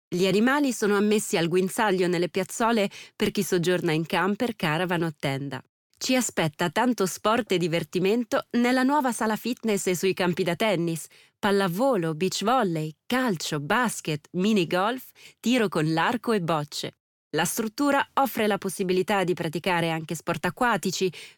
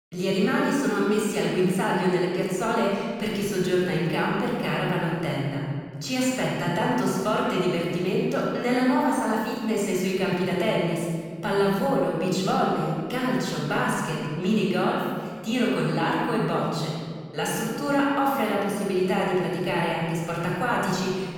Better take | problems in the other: first | off-mic speech; far // room echo; strong; dies away in 2.1 s

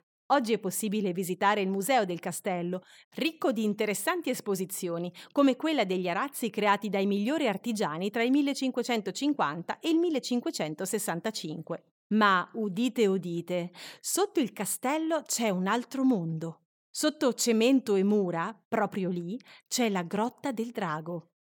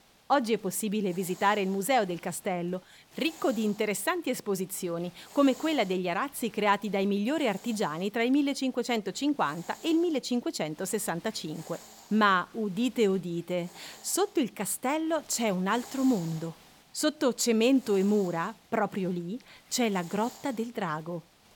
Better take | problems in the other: first | hiss; faint; throughout; 25 dB below the speech

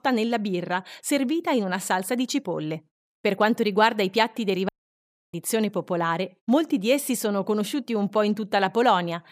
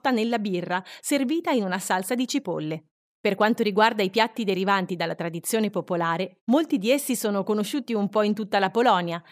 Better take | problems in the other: second | audio cutting out; at 4.5 s for 0.5 s

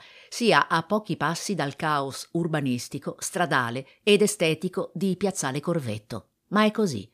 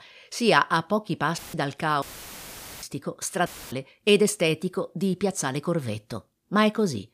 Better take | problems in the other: first | audio cutting out; filled with static; at 1.5 s, at 2 s for 1 s and at 3.5 s

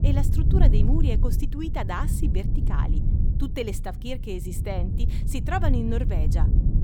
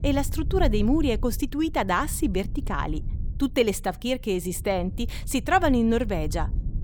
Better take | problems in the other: second | low rumble; loud; throughout; 6 dB below the speech; faint in the second

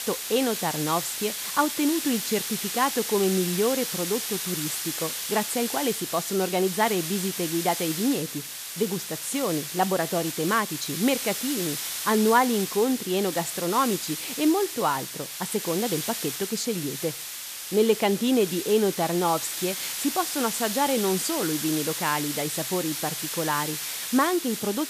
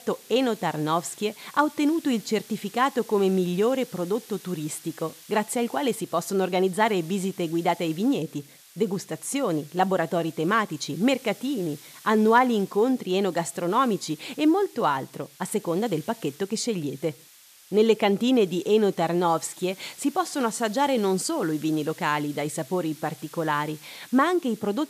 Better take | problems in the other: second | hiss; loud; throughout; 4 dB below the speech; faint in the second

